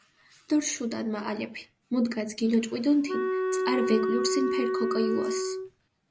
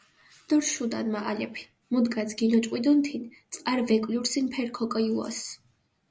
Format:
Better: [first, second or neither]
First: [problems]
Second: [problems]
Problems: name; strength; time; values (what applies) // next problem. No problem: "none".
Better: second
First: background sound (Wind instrument, woodwind instrument); as loud as the speech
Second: none